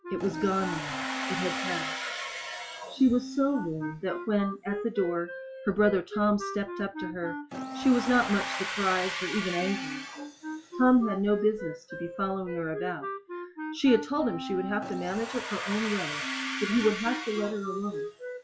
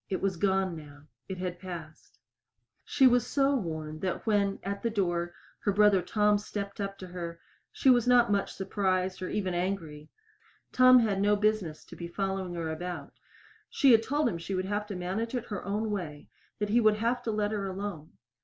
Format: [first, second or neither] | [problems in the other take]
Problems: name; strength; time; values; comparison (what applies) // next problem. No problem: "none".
second | noise reduction (classical method log-MMSE)